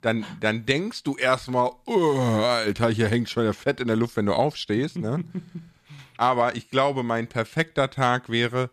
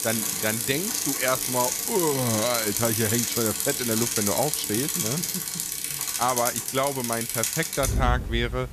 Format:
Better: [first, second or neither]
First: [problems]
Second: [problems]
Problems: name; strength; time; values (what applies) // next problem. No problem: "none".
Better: first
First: none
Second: traffic noise; very loud; throughout; 2 dB above the speech